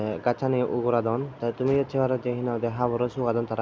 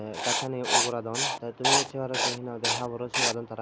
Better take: first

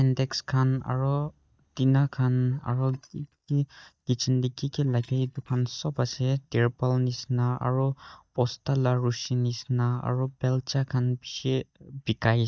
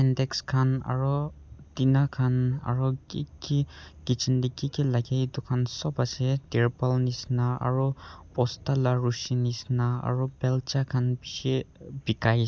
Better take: second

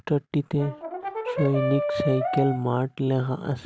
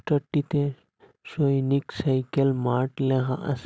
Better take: second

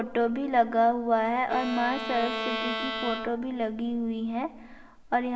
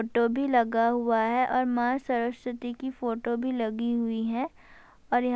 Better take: second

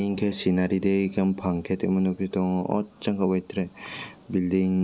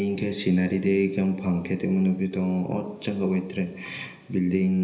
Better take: first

